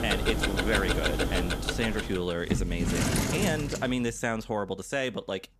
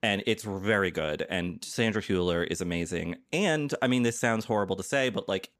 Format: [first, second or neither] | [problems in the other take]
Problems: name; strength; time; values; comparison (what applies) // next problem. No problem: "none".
second | household noises; very loud; throughout; 2 dB above the speech